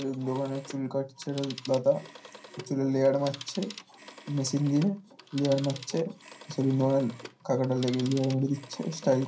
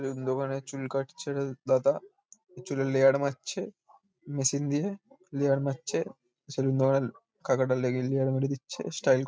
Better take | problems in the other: second | background sound (Telephone); 17 dB below the speech // room echo; dies away in 0.3 s

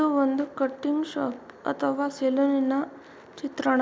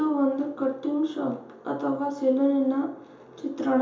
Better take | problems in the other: first | room echo; dies away in 0.7 s

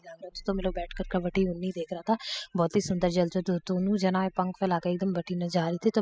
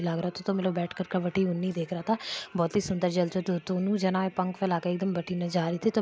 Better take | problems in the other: second | noise reduction (classical method spectral subtraction)

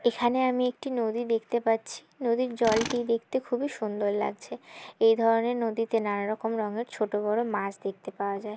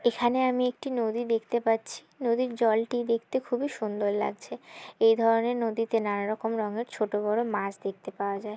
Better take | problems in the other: second | background sound (Tools); 14 dB below the speech

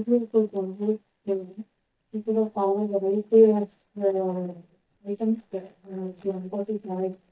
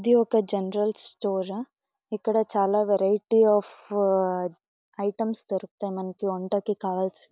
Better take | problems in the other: second | noise reduction (neural mask model DeepFilterNet 3)

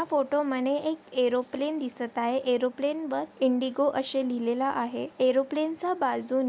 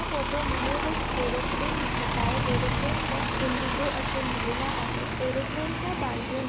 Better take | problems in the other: first | background sound (Bus); 5 dB above the speech

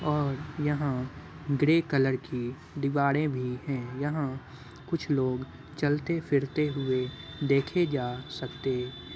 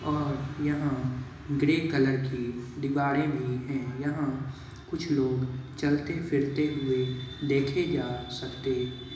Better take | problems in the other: first | room echo; dies away in 1 s

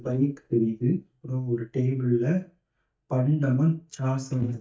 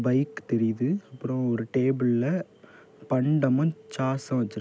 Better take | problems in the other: second | noise reduction (neural mask model DeepFilterNet 3)

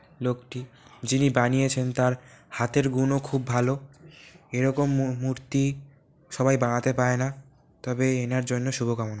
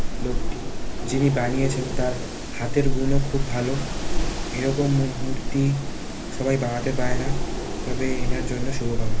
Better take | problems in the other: first | background sound (Wind); 3 dB above the speech // room echo; dies away in 0.3 s

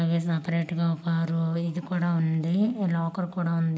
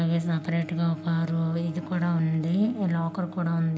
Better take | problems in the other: first | background sound (Bowed string instrument); 16 dB below the speech

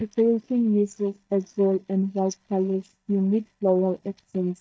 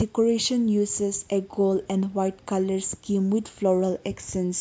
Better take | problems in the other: second | noise reduction (neural mask model DeepFilterNet 3)

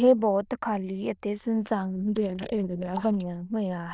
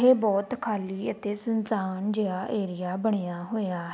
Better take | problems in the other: second | noise reduction (neural diffusion model UNIVERSE++)

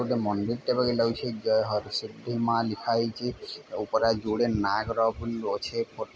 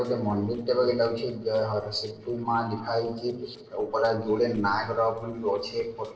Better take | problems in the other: first | noise reduction (neural separator model SepFormer DNS4)

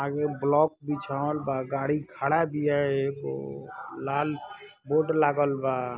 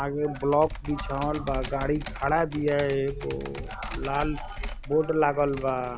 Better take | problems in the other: first | background sound (Computer keyboard); 10 dB below the speech

